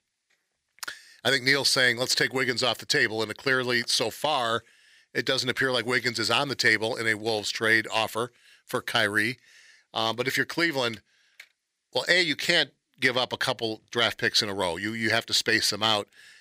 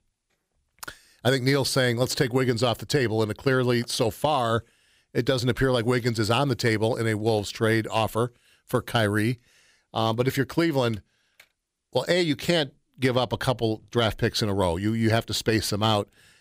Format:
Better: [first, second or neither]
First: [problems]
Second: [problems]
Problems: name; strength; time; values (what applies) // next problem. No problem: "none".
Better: second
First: thin; somewhat; fading below 350 Hz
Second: none